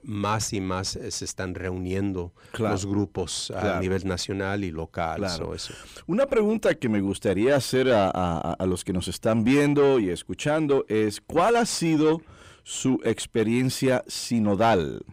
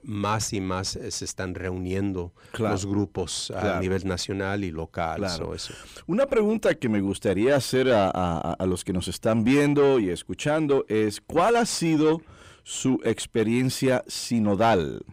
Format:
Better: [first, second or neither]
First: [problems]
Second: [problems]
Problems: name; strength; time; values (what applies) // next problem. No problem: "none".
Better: neither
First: distortion; slight; 10 dB below the speech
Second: distortion; slight; 10 dB below the speech